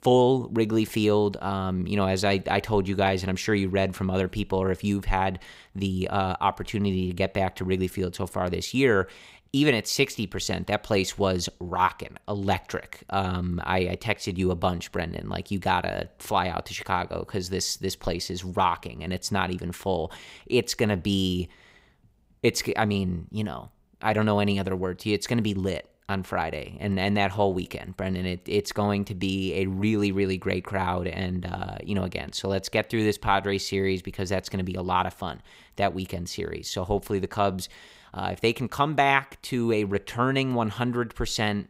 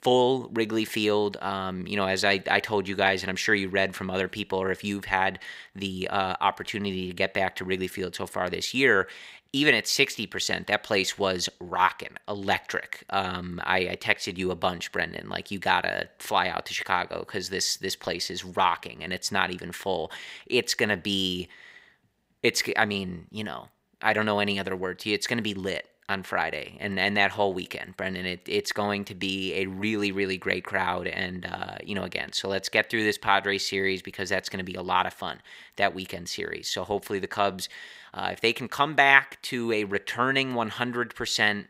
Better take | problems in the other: first | thin; very slightly; fading below 300 Hz

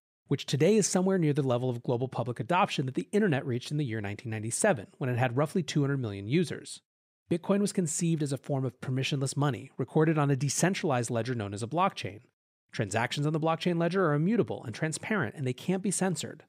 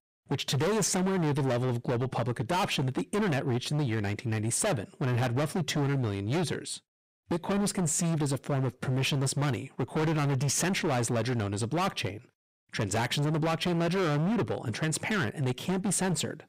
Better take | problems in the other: first | distortion; heavy; 27% of the sound clipped

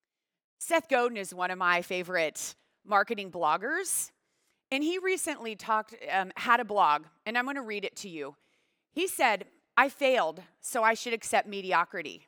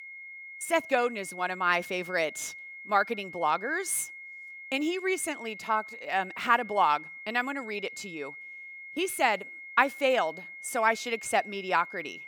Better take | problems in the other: first | high-pitched whine; noticeable; throughout; 2 kHz, 15 dB below the speech

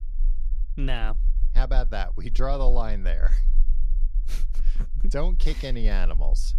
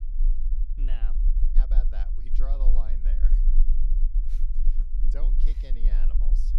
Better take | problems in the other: first | low rumble; loud; throughout; 5 dB below the speech; faint in the first

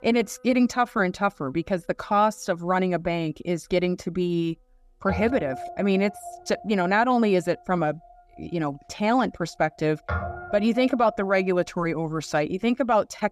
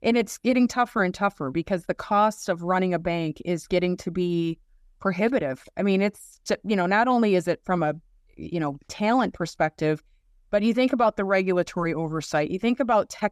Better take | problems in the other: second | background music; noticeable; throughout; 15 dB below the speech

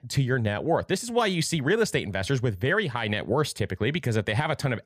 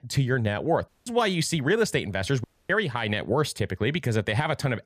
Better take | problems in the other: first | audio cutting out; at 1 s and at 2.5 s

